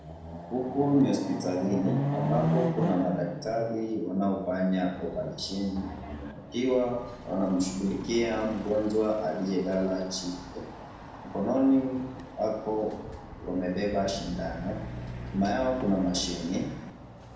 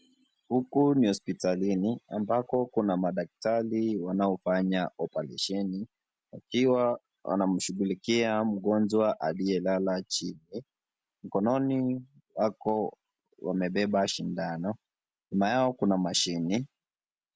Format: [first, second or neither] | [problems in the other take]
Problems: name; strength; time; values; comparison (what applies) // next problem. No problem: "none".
second | background sound (Chatter / Car passing by / Motorcycle / Traffic noise, roadway noise / Accelerating, revving, vroom); 8 dB below the speech // room echo; dies away in 0.9 s